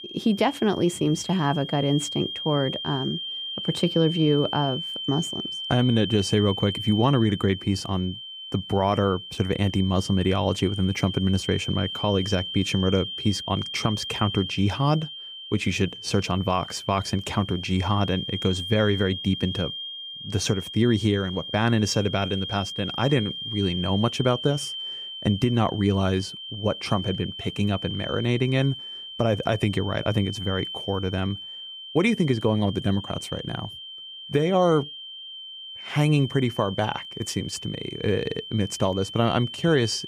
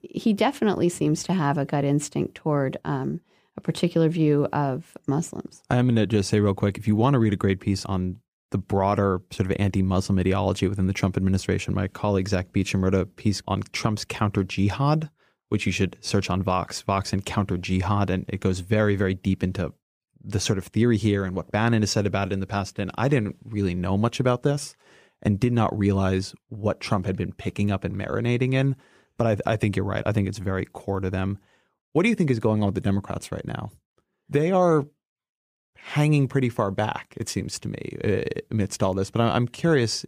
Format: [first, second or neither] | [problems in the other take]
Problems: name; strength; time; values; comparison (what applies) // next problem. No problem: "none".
second | high-pitched whine; loud; throughout; 3 kHz, 8 dB below the speech